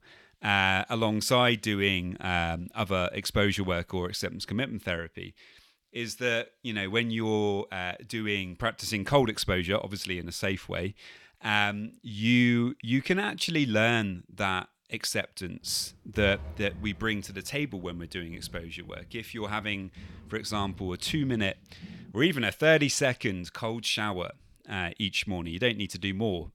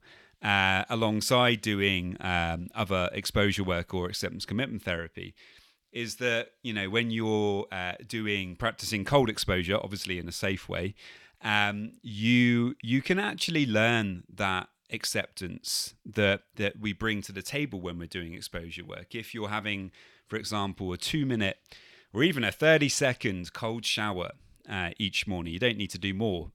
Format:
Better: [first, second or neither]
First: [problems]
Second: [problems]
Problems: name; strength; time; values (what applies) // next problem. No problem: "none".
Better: second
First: footsteps; faint; from 16 to 22 s; peak 10 dB below the speech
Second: none